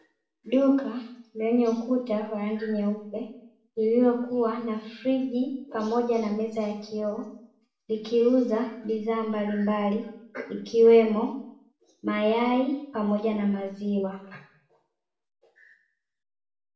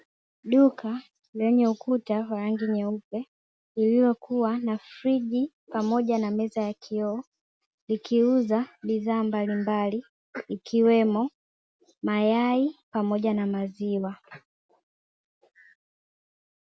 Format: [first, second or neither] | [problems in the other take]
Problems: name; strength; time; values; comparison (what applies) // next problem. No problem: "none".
second | room echo; dies away in 0.6 s